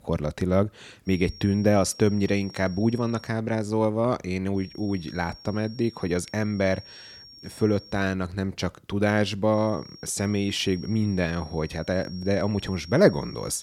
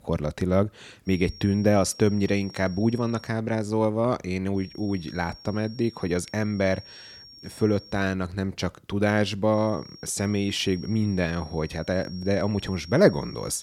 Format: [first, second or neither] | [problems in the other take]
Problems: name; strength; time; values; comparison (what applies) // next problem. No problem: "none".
neither | high-pitched whine; noticeable; from 1 to 3.5 s, from 4.5 to 8 s and from 9.5 s on; 5.5 kHz, 20 dB below the speech; the same in both